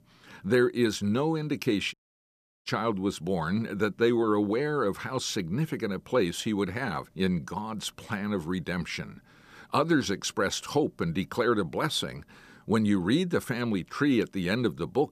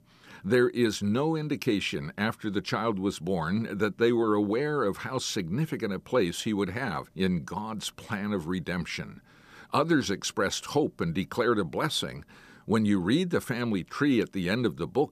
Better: second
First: audio cutting out; at 2 s for 0.5 s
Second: none

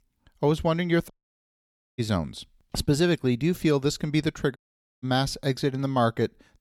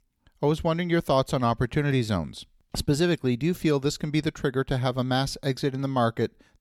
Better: second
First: audio cutting out; at 1 s for 1 s and at 4.5 s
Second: none

